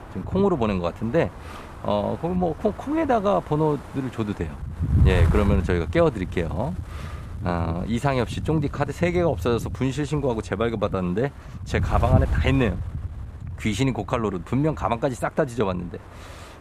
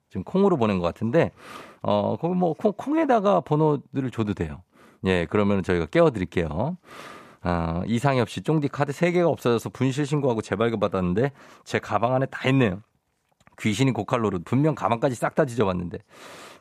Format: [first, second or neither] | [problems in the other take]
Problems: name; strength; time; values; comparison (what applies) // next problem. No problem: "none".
second | wind noise on the microphone; occasional gusts; 15 dB below the speech